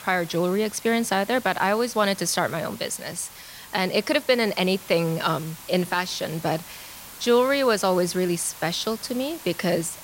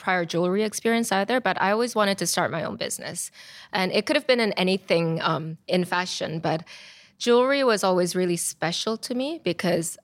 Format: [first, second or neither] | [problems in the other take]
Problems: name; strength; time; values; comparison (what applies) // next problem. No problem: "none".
second | hiss; noticeable; throughout; 15 dB below the speech